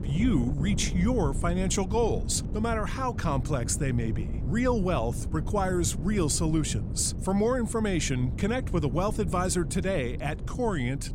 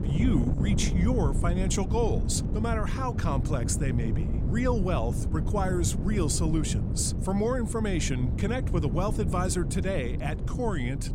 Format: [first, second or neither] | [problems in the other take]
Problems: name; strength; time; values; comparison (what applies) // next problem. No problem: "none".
first | wind noise on the microphone; heavy; 8 dB below the speech; occasional gusts in the first